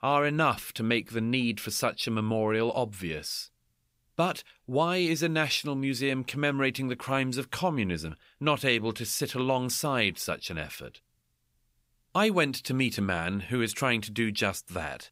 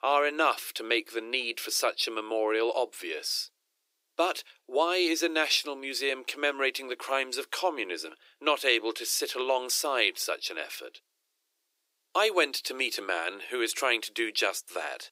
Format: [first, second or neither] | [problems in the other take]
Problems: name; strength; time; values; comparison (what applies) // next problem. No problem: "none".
first | thin; very; fading below 350 Hz